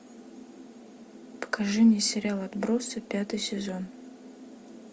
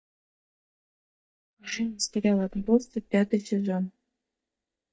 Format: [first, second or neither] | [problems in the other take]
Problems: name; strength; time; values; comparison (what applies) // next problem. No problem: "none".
first | noise reduction (neural mask model DeepFilterNet 3)